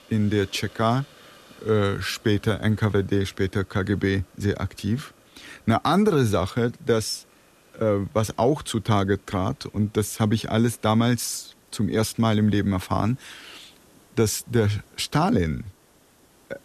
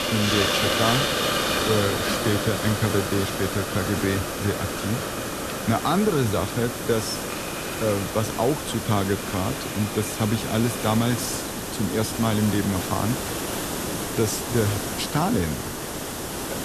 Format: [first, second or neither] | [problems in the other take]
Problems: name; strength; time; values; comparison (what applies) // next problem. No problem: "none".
first | hiss; loud; throughout; 1 dB below the speech; faint in the first